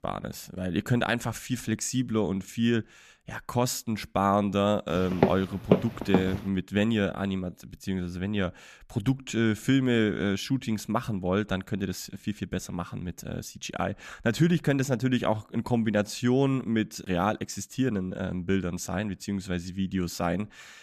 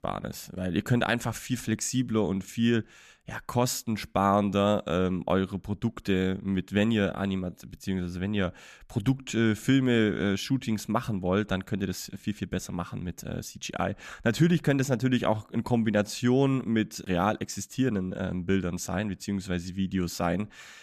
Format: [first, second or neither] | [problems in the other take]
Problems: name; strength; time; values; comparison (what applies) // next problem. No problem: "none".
second | footsteps; loud; from 5 to 6.5 s; peak 2 dB above the speech